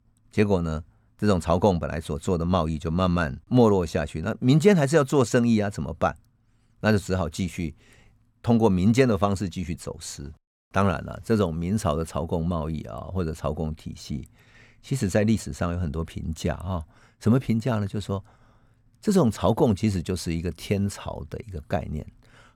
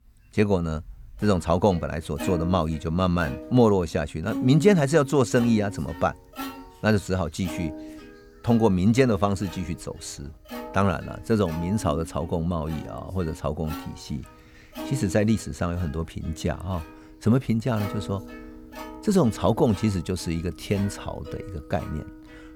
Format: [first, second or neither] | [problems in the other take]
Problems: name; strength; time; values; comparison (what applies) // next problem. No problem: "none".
first | background music; noticeable; throughout; 15 dB below the speech